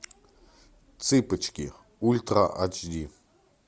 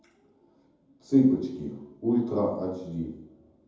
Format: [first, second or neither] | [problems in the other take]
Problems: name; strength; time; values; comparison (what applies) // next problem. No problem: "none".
first | room echo; dies away in 0.9 s